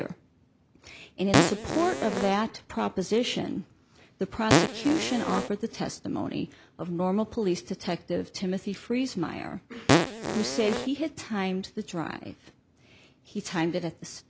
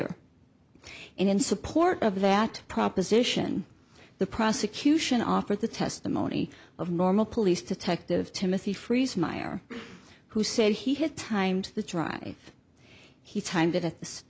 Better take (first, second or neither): second